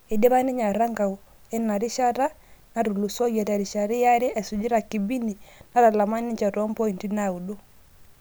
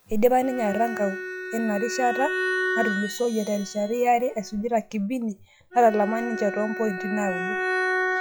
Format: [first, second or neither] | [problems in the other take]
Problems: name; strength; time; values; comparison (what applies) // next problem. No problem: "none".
first | noise reduction (classical method log-MMSE)